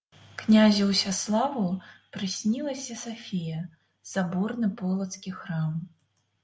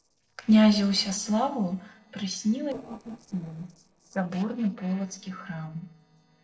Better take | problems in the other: first | noise reduction (neural separator model SepFormer DNS4)

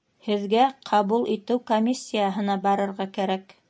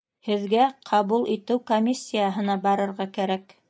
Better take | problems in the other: first | noise reduction (neural mask model DeepFilterNet 3)

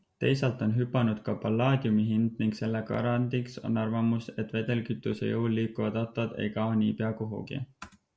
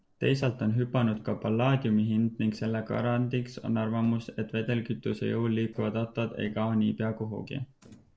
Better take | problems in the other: first | noise reduction (neural separator model SepFormer DNS4)

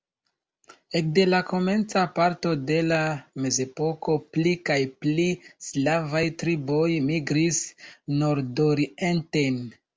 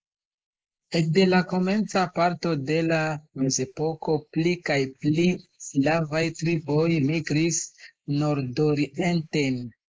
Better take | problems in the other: first | noise reduction (neural mask model Resemble Enhance denoiser)

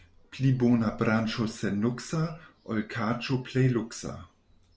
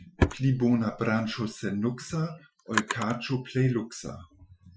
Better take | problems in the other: first | noise reduction (classical method Wiener filter)

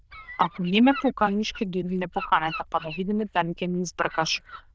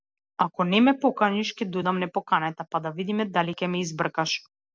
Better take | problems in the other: second | noise reduction (neural diffusion model UNIVERSE++)

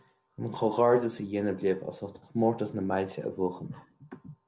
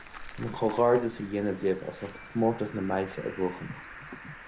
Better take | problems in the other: first | background sound (Cricket); 15 dB below the speech

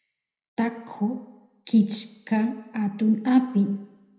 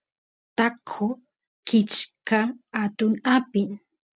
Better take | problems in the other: second | room echo; dies away in 0.8 s

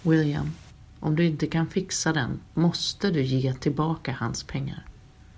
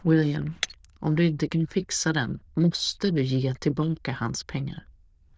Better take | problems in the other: first | noise reduction (neural diffusion model UNIVERSE++)

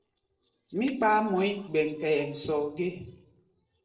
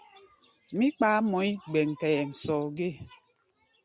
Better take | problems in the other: second | noise reduction (neural separator model SepFormer DNS4)

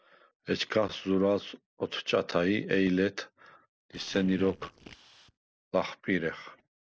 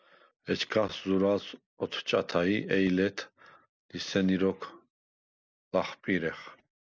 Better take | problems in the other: second | noise reduction (neural separator model SepFormer DNS4)

